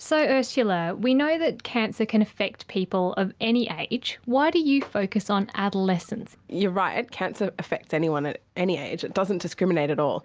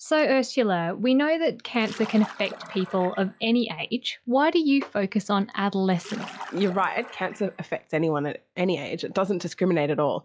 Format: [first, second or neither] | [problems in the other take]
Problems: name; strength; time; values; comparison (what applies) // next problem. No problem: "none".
first | noise reduction (classical method log-MMSE)